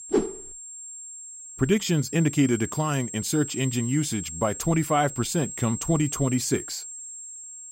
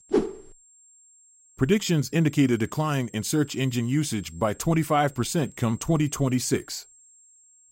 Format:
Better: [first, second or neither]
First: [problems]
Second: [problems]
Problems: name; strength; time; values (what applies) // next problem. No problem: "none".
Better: second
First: high-pitched whine; loud; throughout; 7.5 kHz, 10 dB below the speech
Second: high-pitched whine; faint; throughout; 7.5 kHz, 25 dB below the speech